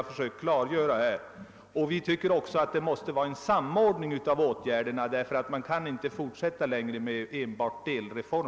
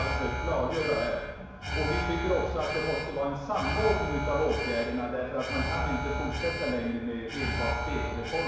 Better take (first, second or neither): first